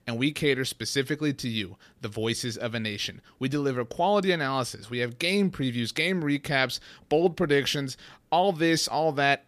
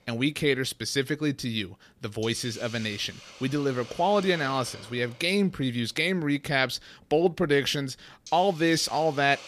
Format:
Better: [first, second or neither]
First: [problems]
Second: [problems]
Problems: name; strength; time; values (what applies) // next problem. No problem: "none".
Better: first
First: none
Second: hiss; noticeable; throughout; 15 dB below the speech